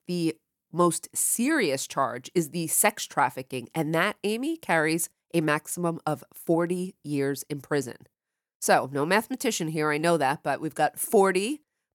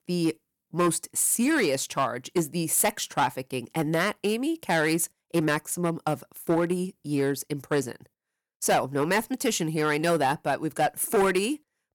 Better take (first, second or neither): first